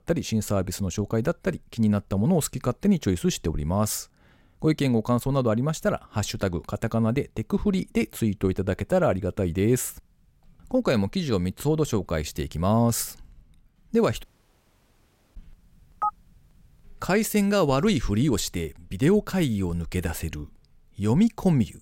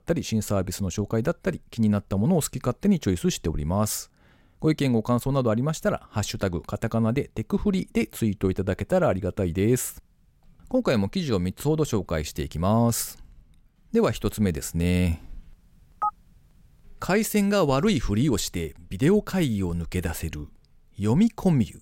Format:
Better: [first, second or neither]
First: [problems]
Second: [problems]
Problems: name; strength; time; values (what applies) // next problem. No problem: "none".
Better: second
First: audio cutting out; at 14 s for 1 s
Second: none